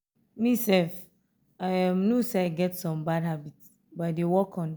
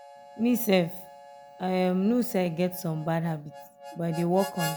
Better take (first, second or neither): first